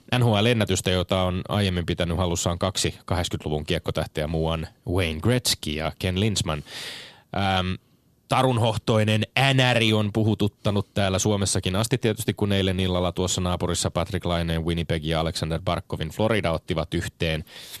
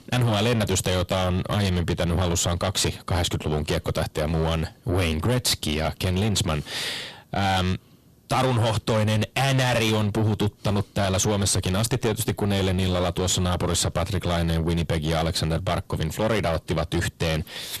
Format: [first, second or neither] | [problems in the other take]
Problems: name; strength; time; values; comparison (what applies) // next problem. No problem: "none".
first | distortion; heavy; 6 dB below the speech